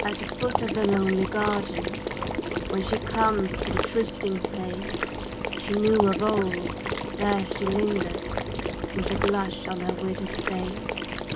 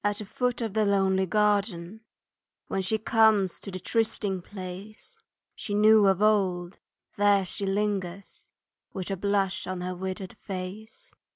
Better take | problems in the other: second | background sound (Water / Liquid); 2 dB below the speech // room echo; dies away in 0.3 s

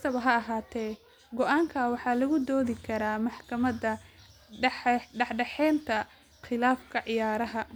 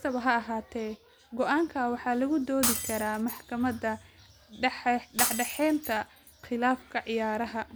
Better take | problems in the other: first | background sound (Shatter); 6 dB below the speech

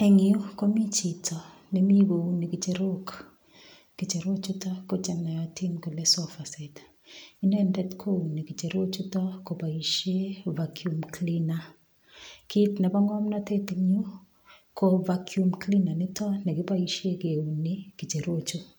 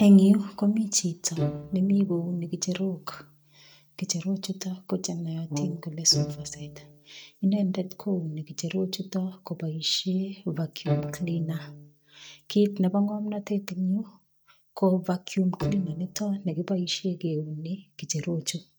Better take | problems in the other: first | noise reduction (neural mask model DeepFilterNet 3)

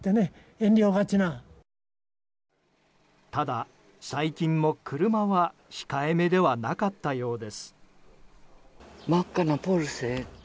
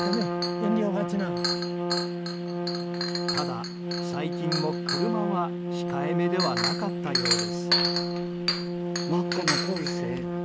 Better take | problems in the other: first | background sound (Chink, clink + Trumpet); 5 dB above the speech

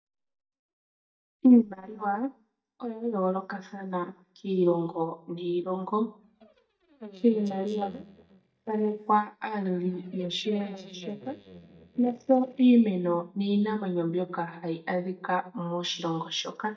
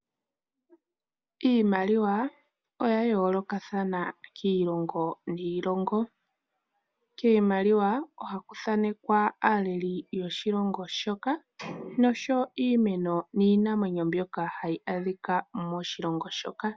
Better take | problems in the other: second | noise reduction (neural mask model DeepFilterNet 3)

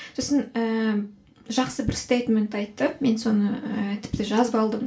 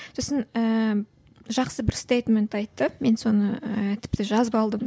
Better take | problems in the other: second | room echo; dies away in 0.3 s

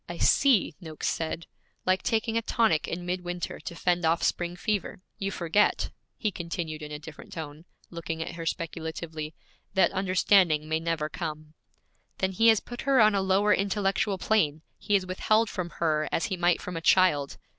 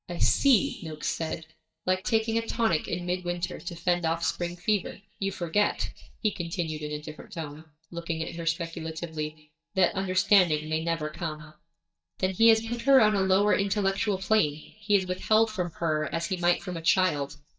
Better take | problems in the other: first | noise reduction (neural mask model DeepFilterNet 3)

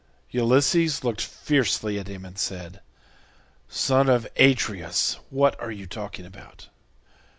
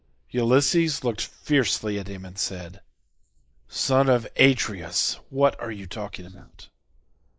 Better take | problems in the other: first | noise reduction (neural mask model Resemble Enhance denoiser)

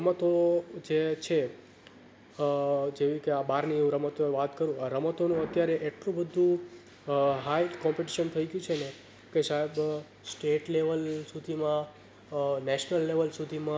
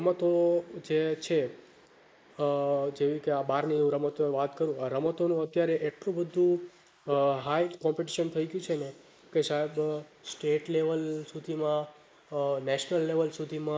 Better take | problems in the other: first | noise reduction (neural mask model Resemble Enhance denoiser)

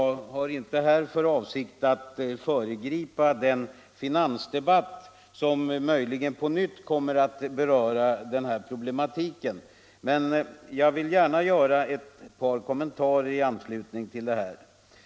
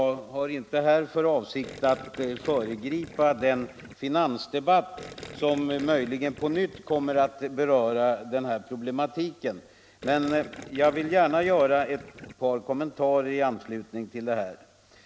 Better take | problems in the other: first | background sound (Gurgling); 17 dB below the speech

